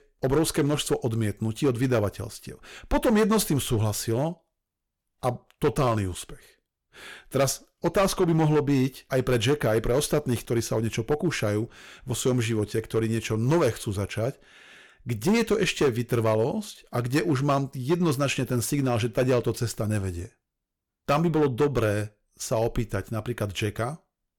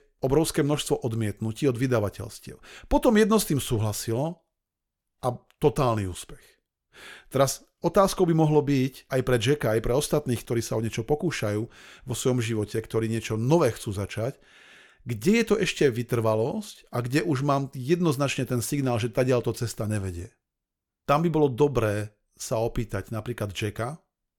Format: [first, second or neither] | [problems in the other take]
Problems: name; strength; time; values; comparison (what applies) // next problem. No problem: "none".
second | distortion; slight; 5% of the sound clipped